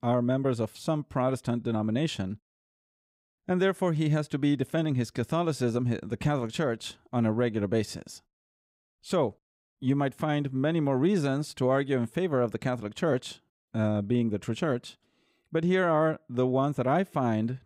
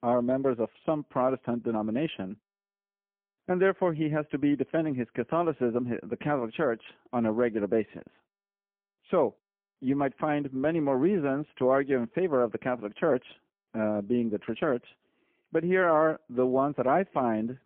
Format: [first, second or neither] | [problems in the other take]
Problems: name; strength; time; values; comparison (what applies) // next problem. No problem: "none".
first | phone-call audio; poor line; nothing above 3.5 kHz